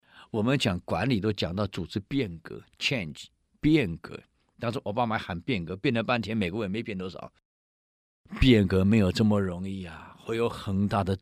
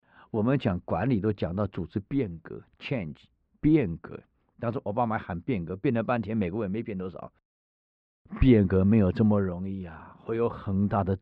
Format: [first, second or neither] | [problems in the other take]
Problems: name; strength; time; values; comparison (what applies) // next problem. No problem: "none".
first | muffled; very; fading above 4 kHz